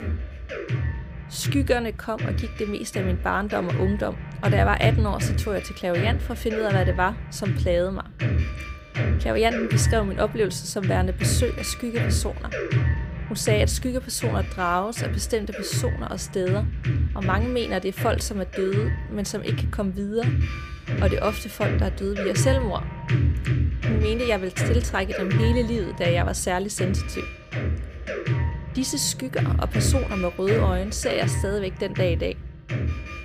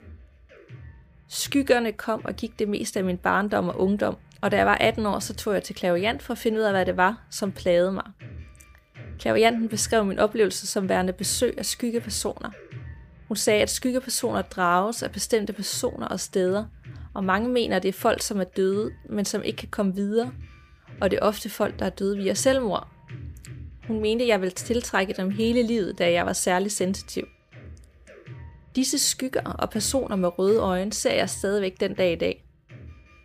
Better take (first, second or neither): second